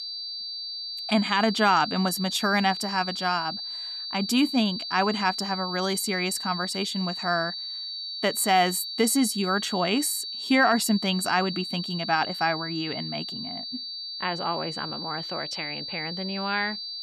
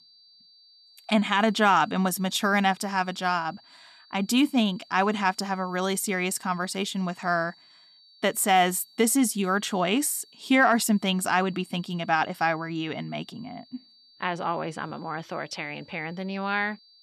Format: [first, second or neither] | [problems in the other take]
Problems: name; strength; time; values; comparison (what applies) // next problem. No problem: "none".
second | high-pitched whine; loud; throughout; 4.5 kHz, 6 dB below the speech; faint in the second